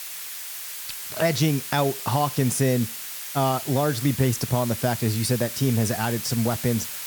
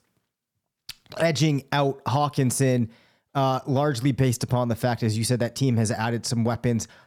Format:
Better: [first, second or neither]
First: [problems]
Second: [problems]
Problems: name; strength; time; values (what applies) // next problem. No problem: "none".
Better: second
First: hiss; loud; throughout; 7 dB below the speech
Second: none